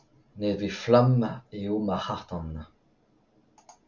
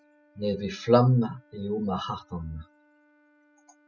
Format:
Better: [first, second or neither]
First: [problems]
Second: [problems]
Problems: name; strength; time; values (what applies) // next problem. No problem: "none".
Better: first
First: none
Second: noise reduction (classical method spectral subtraction)